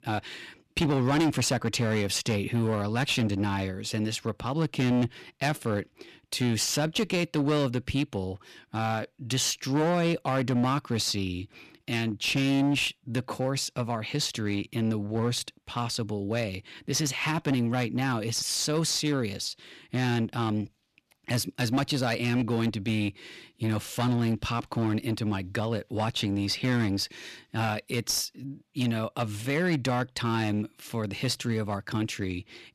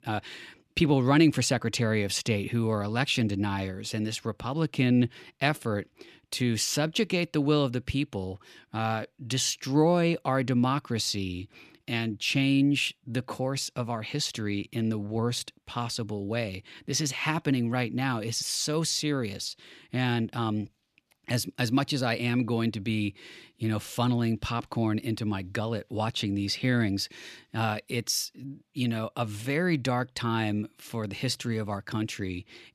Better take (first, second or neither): second